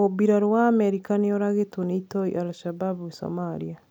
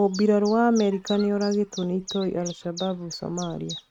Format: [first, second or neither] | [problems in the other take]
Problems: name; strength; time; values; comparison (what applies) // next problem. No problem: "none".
first | noise reduction (neural mask model RNNoise)